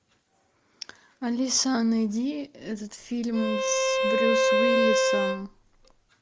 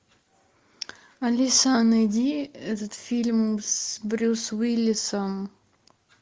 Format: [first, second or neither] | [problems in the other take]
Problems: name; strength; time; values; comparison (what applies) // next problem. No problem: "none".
second | background sound (Bowed string instrument); 4 dB above the speech